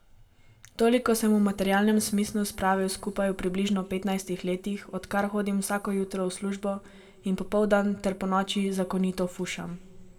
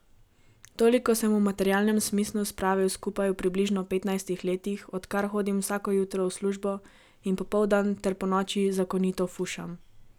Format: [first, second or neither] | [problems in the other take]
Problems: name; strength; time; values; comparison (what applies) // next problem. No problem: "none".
second | room echo; dies away in 1 s